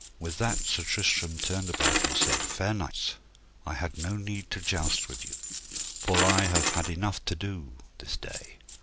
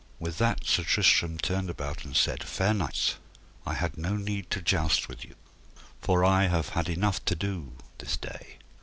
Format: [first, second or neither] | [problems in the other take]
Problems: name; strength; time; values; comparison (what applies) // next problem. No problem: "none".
second | background sound (Coin (dropping)); 2 dB below the speech